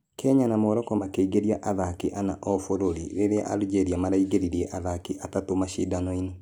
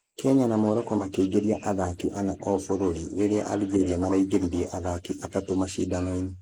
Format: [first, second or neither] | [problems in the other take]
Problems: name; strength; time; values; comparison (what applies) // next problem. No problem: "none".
first | noise reduction (neural mask model Resemble Enhance denoiser)